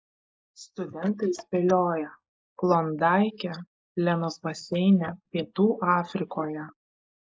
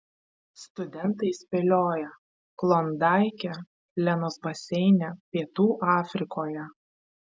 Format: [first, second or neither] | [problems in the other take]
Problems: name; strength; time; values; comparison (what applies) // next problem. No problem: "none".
second | noise reduction (neural mask model Resemble Enhance denoiser)